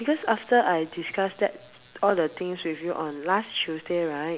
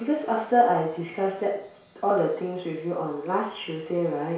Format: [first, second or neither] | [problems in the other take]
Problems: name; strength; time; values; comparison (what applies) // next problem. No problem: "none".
first | room echo; dies away in 0.6 s